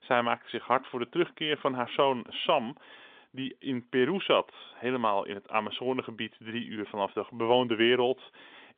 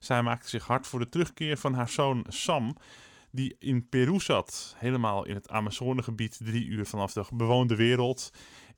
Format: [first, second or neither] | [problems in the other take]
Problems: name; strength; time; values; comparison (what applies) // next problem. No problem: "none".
second | phone-call audio; nothing above 3.5 kHz